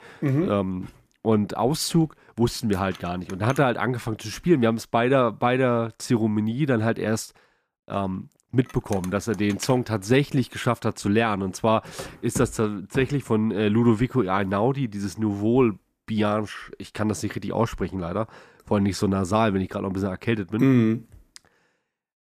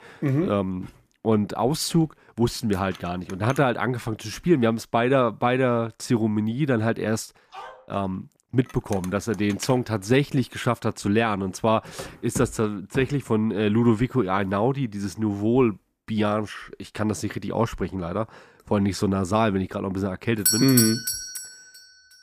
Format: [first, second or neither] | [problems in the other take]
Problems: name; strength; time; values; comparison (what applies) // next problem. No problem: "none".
first | dog barking; faint; at 7.5 s; peak 15 dB below the speech // doorbell; loud; at 20 s; peak 5 dB above the speech